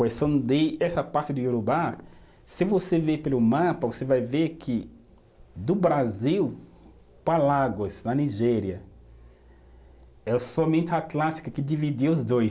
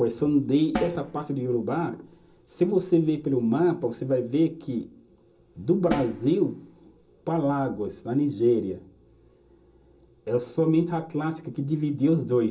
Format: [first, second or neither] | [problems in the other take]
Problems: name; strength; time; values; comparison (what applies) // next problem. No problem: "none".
first | background sound (Snare drum); 12 dB below the speech // room echo; dies away in 0.2 s